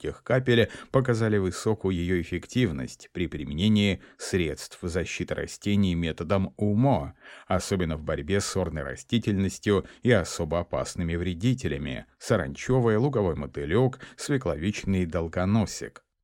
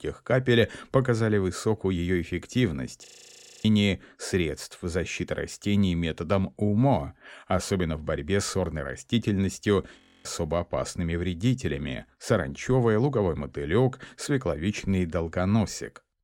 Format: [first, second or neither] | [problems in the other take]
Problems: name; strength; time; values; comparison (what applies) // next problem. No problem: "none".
first | audio freezing; at 3 s for 0.5 s and at 10 s